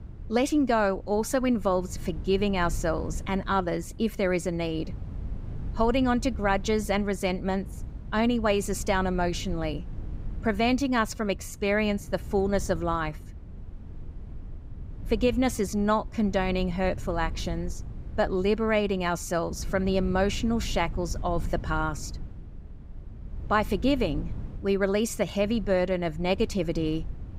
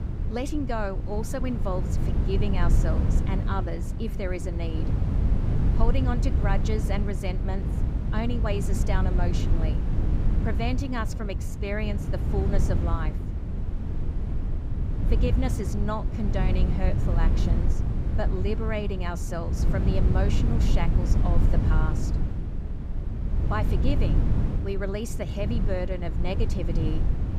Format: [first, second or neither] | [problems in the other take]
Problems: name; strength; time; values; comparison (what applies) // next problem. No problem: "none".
first | wind noise on the microphone; heavy; 5 dB below the speech; occasional gusts in the first